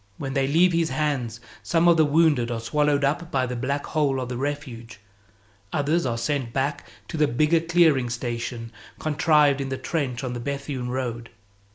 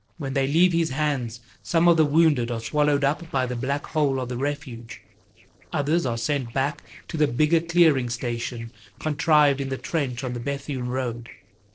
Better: first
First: none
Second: noise reduction (neural separator model SepFormer DNS4)

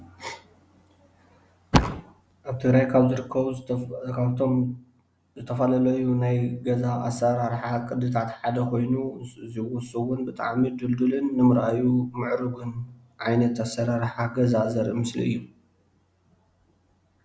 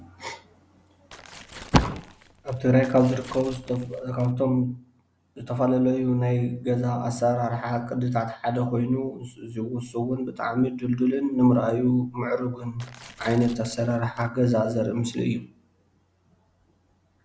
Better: first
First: none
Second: background sound (Tearing); 20 dB below the speech

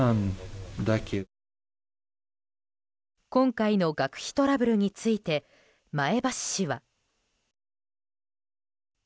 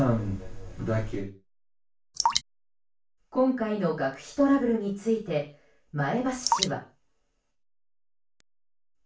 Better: first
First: none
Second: background sound (Drip); 4 dB below the speech // room echo; dies away in 0.3 s

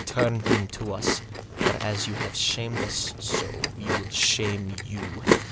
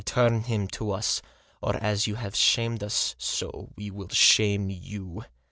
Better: second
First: background sound (Chewing, mastication); as loud as the speech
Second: none

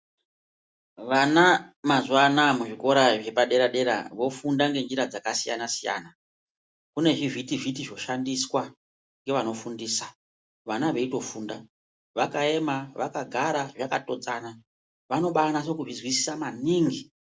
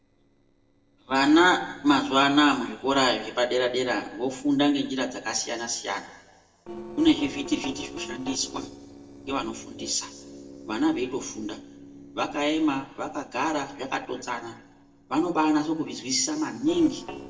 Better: first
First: none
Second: noise reduction (neural separator model SepFormer DNS4)

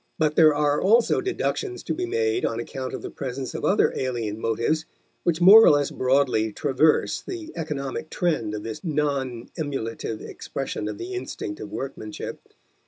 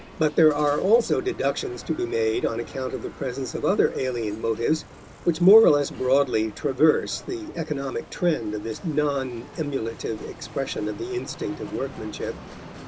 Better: first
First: none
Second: background sound (Bicycle); 18 dB below the speech

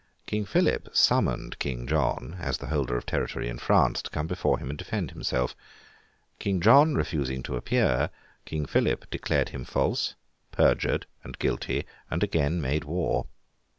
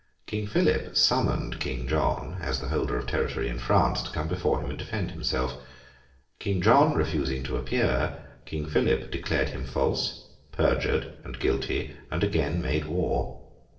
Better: first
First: none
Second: noise reduction (neural separator model SepFormer DNS4)

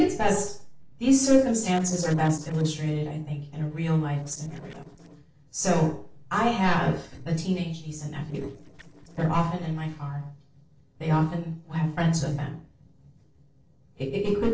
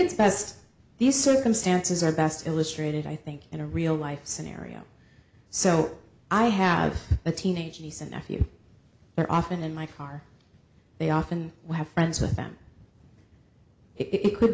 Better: second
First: noise reduction (neural separator model SepFormer DNS4)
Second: none

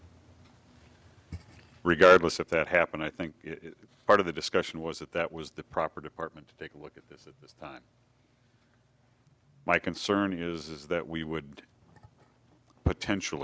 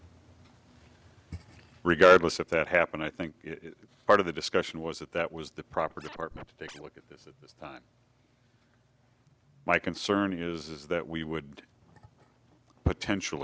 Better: first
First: none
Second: background sound (Scratching (performance technique)); 18 dB below the speech

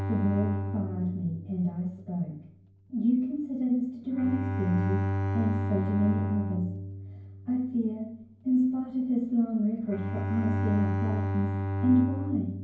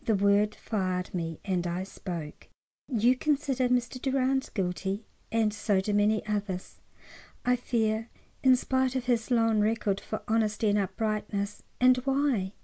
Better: second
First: background sound (Bowed string instrument); 3 dB below the speech // room echo; dies away in 0.9 s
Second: none

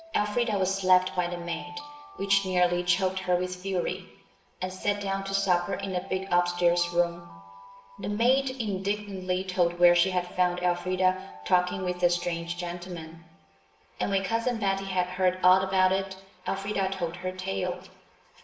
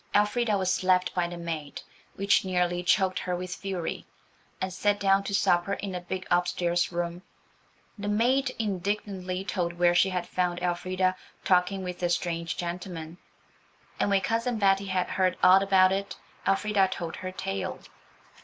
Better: second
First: background sound (Alarm); 20 dB below the speech // room echo; dies away in 0.8 s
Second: none

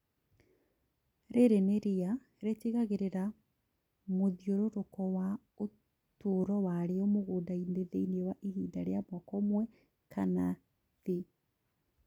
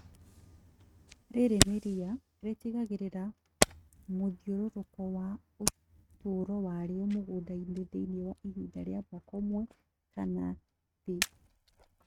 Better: first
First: none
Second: noise reduction (neural mask model RNNoise)

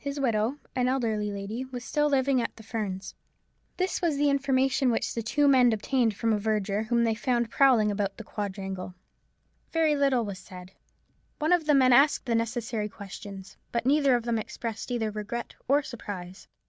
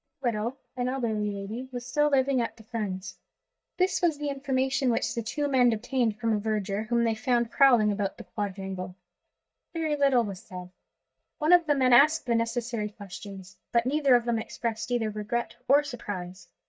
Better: first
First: none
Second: noise reduction (neural mask model DeepFilterNet 3)

